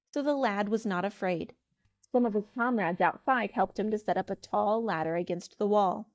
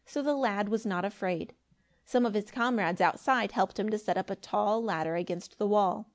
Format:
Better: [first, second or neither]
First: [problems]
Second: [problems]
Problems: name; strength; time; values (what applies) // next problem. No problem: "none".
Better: second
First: noise reduction (neural mask model DeepFilterNet 3)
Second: none